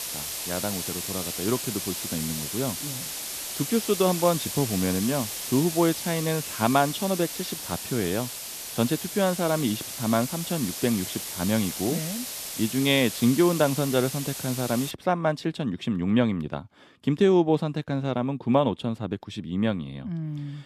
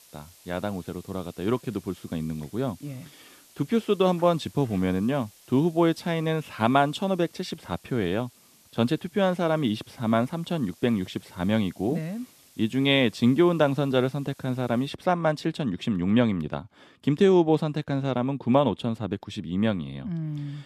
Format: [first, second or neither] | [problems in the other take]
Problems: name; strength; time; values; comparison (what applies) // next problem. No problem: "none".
second | hiss; loud; until 15 s; 5 dB below the speech; faint in the second